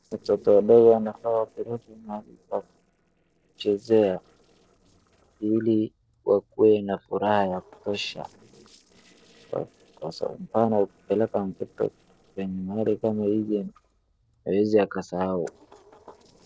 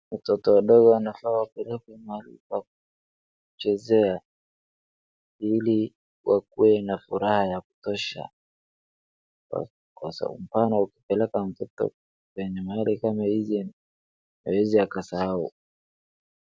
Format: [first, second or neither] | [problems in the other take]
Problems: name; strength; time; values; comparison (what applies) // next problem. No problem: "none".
second | noise reduction (neural separator model SepFormer DNS4)